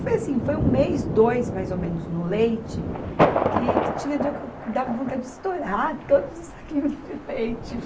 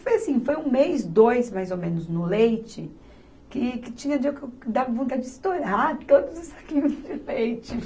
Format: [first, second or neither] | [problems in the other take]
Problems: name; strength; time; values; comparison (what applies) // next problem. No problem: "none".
second | background sound (Thunder); 2 dB below the speech